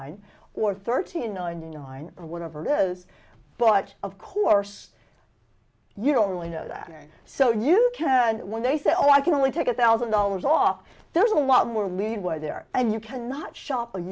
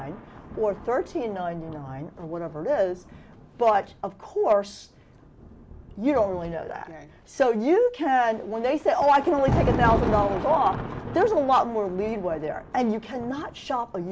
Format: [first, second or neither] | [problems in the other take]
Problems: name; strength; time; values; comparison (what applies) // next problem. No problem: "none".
first | background sound (Thunder); 9 dB below the speech